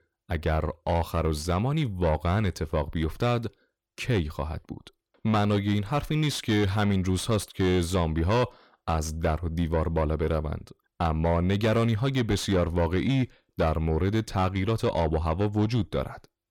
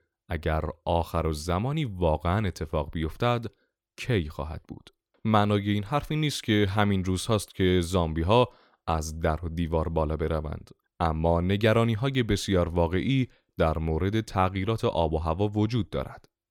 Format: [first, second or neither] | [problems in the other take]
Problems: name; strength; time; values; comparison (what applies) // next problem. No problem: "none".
second | distortion; slight; 10 dB below the speech